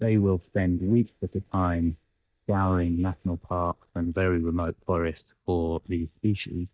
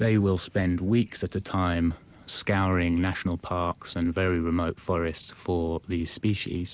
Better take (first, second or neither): second